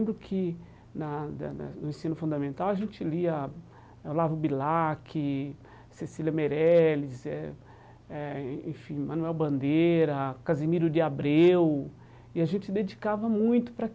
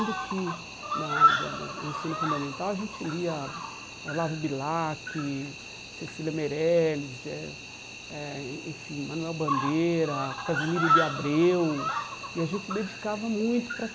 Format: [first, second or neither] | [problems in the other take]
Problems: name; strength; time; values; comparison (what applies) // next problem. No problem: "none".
first | background sound (Cricket); 2 dB below the speech